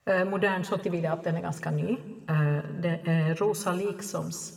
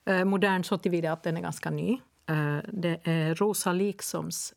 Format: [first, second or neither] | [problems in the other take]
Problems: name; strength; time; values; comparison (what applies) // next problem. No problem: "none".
second | room echo; slight; dies away in 2.3 s